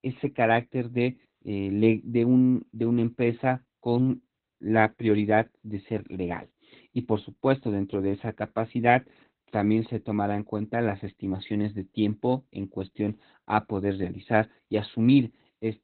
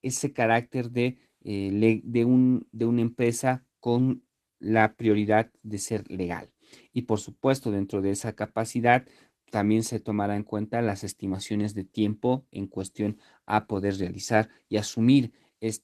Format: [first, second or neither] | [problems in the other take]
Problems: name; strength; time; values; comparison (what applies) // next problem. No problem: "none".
second | garbled, watery; badly; nothing above 4 kHz; slightly in the second